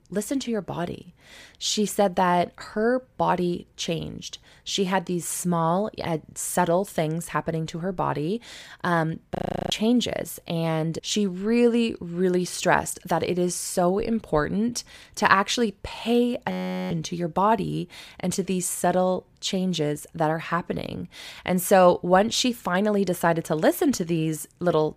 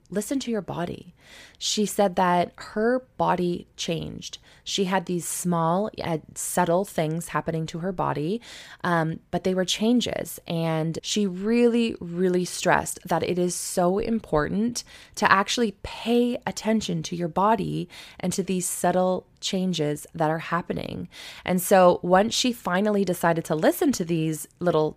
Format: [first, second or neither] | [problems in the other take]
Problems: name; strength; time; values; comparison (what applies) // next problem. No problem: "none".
second | audio freezing; at 9.5 s and at 17 s